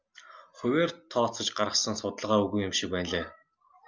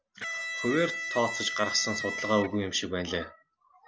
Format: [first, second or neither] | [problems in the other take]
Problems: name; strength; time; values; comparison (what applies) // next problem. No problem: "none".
first | background sound (Electric guitar); 5 dB below the speech